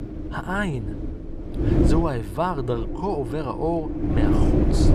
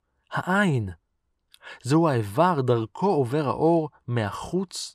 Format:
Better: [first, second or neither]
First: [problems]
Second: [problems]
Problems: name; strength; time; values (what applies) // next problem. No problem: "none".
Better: second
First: wind noise on the microphone; heavy; 3 dB below the speech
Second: none